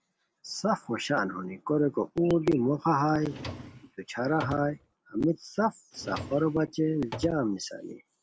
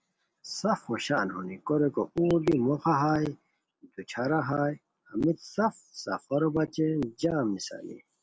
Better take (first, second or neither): second